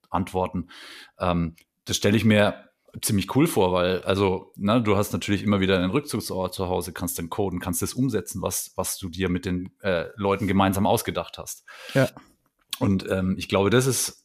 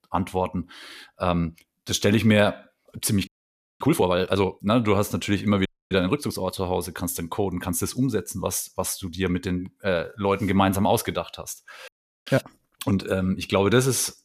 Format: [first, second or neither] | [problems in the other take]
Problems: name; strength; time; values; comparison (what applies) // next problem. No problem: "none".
first | audio freezing; at 3.5 s for 0.5 s, at 5.5 s and at 12 s